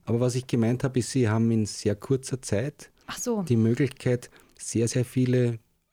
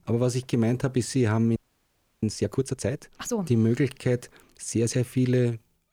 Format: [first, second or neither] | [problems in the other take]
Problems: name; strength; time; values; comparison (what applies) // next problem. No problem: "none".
first | audio freezing; at 1.5 s for 0.5 s